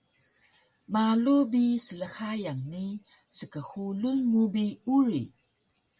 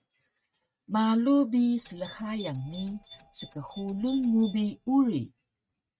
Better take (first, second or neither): first